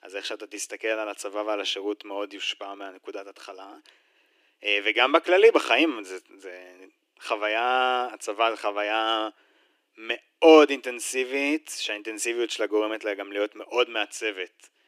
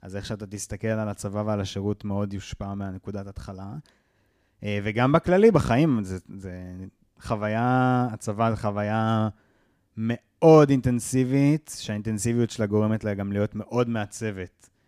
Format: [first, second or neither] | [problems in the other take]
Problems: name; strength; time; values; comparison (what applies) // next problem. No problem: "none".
second | thin; very; fading below 300 Hz